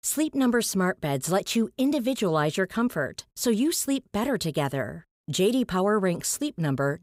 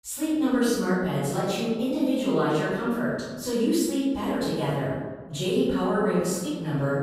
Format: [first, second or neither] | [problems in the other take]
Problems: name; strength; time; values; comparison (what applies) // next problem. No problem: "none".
first | off-mic speech; far // room echo; strong; dies away in 1.3 s